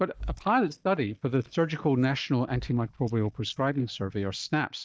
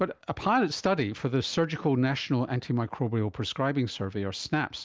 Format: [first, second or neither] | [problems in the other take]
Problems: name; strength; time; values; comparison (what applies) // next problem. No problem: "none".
second | noise reduction (neural mask model DeepFilterNet 3)